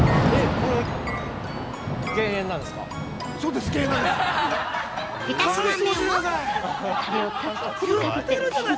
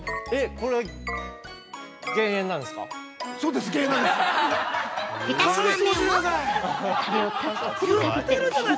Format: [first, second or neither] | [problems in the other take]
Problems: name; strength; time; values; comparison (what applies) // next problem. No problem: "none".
second | background sound (Thunder / Rain); 4 dB below the speech